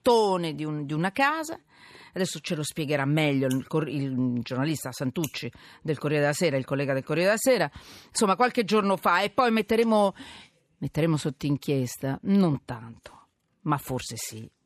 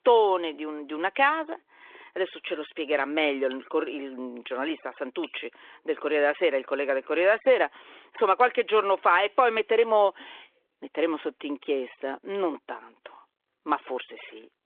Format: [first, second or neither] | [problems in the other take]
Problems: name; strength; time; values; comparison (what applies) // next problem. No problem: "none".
first | phone-call audio; nothing above 3.5 kHz